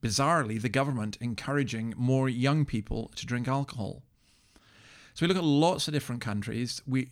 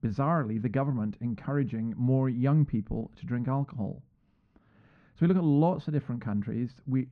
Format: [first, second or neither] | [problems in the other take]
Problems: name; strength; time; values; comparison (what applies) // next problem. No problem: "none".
first | muffled; very; fading above 1 kHz